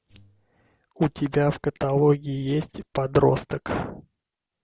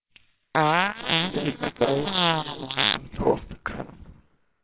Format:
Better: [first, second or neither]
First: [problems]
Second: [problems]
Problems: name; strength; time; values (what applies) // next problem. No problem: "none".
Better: first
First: none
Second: noise reduction (neural separator model SepFormer WHAMR!)